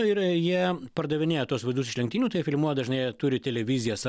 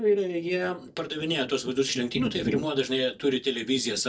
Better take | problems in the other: first | noise reduction (neural mask model DeepFilterNet 3)

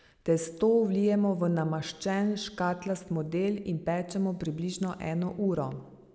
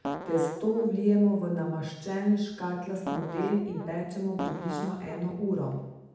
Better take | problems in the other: first | background sound (Fart); 7 dB below the speech // room echo; dies away in 0.8 s

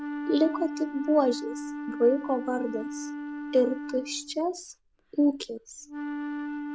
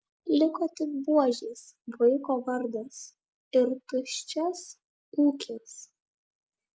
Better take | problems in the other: second | background sound (Wind instrument, woodwind instrument); 8 dB below the speech

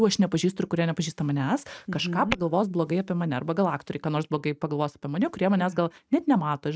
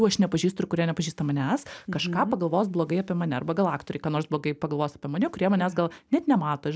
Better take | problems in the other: second | noise reduction (neural mask model RNNoise)

